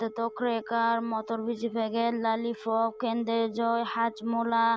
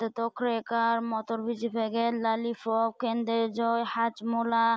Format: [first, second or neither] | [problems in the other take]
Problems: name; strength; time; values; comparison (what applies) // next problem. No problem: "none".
second | background sound (Telephone); 18 dB below the speech